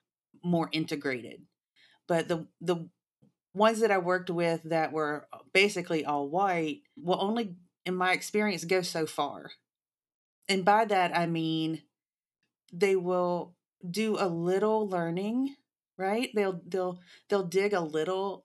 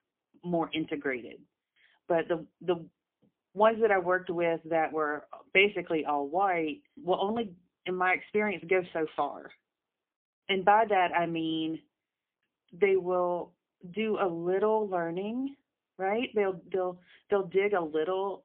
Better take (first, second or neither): first